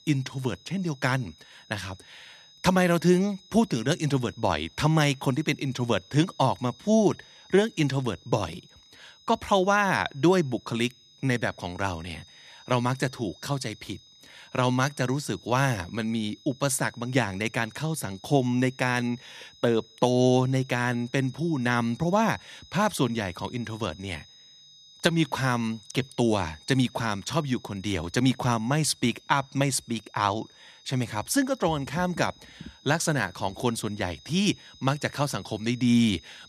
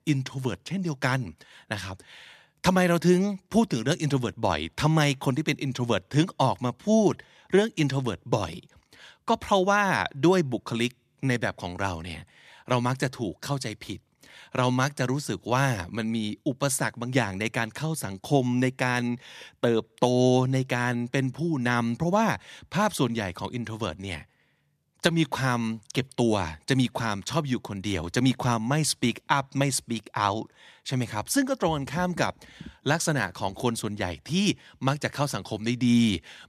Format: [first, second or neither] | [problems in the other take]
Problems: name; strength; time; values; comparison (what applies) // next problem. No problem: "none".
second | high-pitched whine; faint; throughout; 4 kHz, 25 dB below the speech